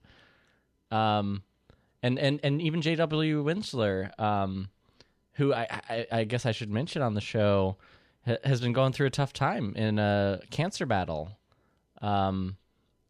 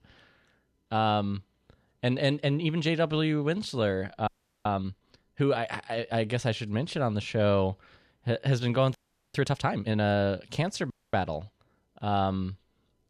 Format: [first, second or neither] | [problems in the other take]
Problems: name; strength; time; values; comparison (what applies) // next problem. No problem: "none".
first | audio freezing; at 4.5 s, at 9 s and at 11 s